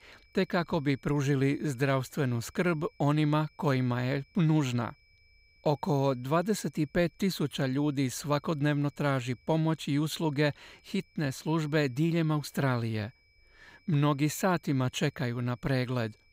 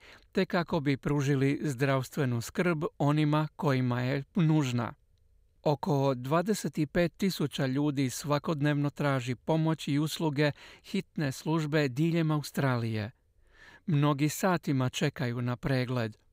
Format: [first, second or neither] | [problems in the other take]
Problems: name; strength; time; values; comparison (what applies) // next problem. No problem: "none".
second | high-pitched whine; faint; throughout; 2.5 kHz, 35 dB below the speech